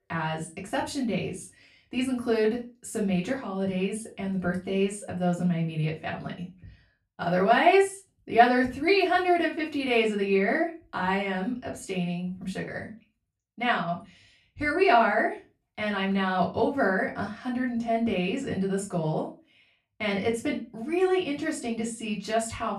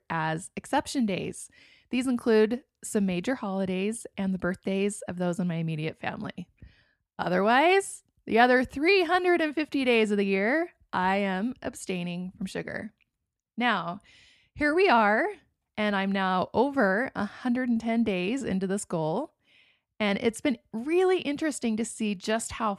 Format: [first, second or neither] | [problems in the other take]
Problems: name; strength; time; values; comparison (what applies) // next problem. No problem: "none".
second | off-mic speech; far // room echo; very slight; dies away in 0.2 s